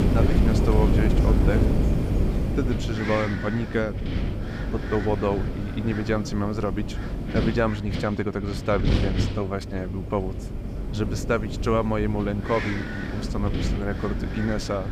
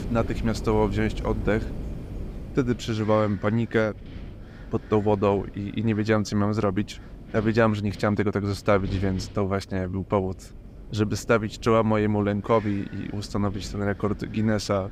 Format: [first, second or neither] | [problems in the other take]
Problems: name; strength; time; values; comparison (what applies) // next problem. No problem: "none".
second | wind noise on the microphone; heavy; 4 dB below the speech; occasional gusts in the second